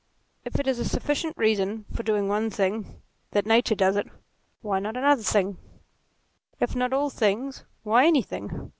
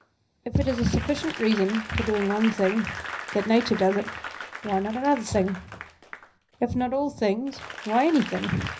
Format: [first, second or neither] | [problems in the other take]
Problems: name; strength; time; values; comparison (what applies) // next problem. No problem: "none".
first | background sound (Applause / Crowd); 12 dB below the speech // room echo; dies away in 0.5 s